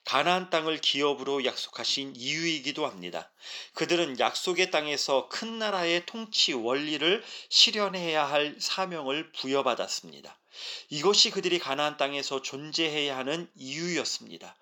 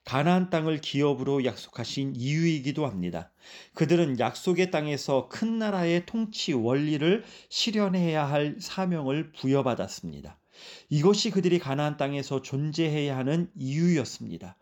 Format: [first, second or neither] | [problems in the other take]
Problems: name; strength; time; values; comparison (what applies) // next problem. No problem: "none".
second | thin; somewhat; fading below 450 Hz